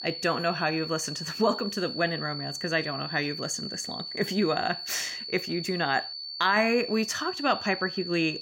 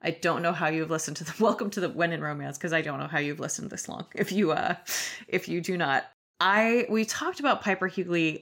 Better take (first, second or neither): second